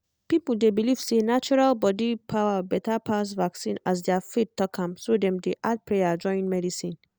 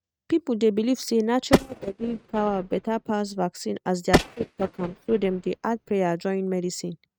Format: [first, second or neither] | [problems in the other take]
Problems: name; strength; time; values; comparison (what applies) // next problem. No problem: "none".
first | noise reduction (neural mask model RNNoise)